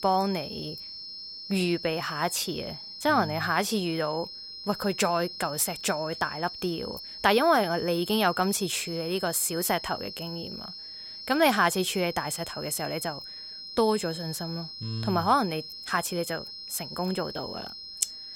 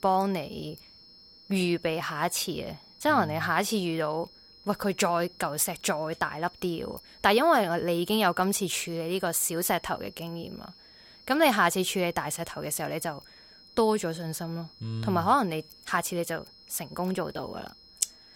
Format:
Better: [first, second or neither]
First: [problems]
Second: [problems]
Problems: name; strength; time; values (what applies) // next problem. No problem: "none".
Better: second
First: high-pitched whine; loud; throughout; 5 kHz, 10 dB below the speech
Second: high-pitched whine; faint; throughout; 5 kHz, 25 dB below the speech